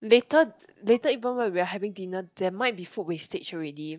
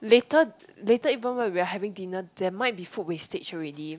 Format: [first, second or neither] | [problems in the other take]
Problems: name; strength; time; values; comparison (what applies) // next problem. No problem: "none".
second | noise reduction (neural mask model DeepFilterNet 3)